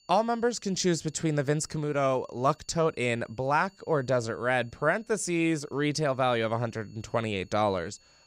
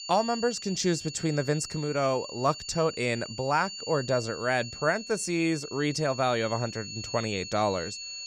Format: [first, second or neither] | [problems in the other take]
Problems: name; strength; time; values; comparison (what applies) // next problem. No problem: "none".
first | high-pitched whine; loud; throughout; 4.5 kHz, 10 dB below the speech; faint in the first